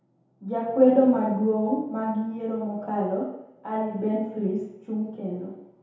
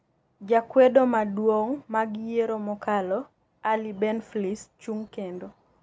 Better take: second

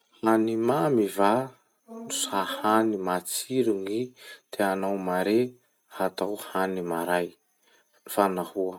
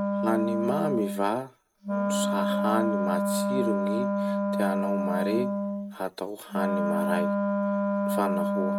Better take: first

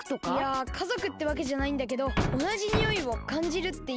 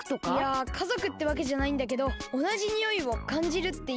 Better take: second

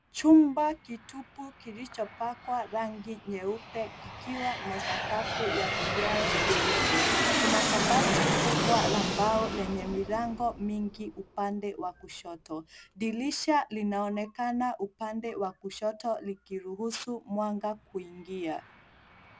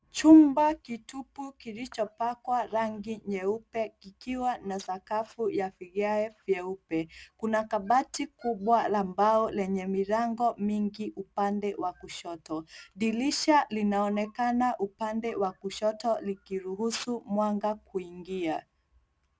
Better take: second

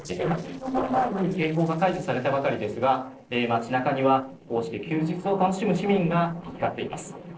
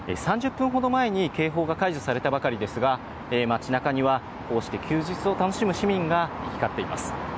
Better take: second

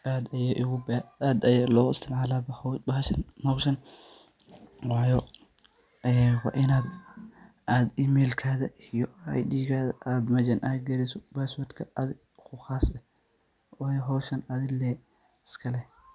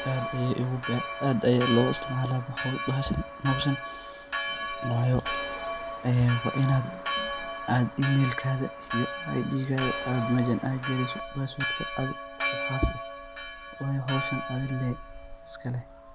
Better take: first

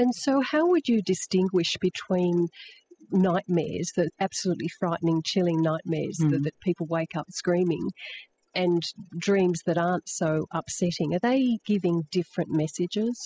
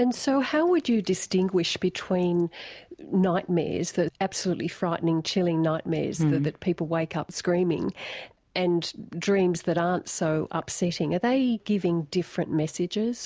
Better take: second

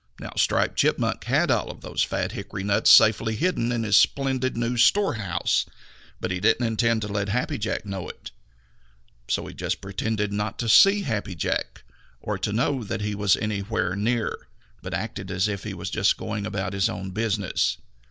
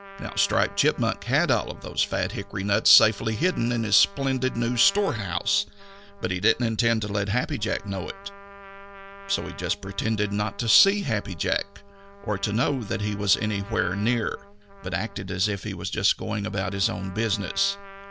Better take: first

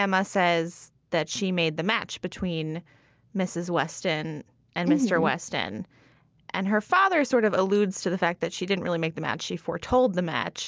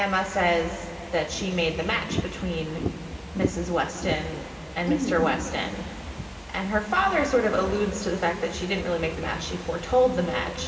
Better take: first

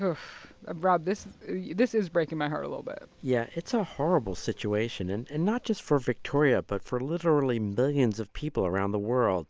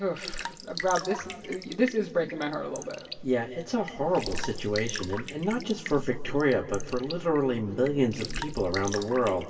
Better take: first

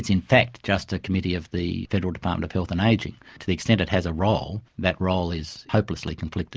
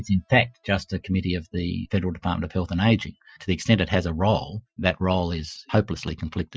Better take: first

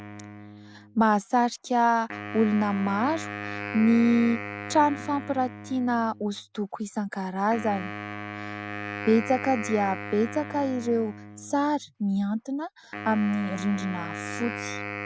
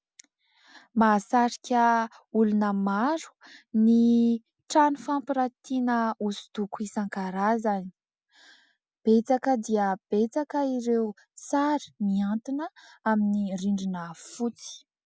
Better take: second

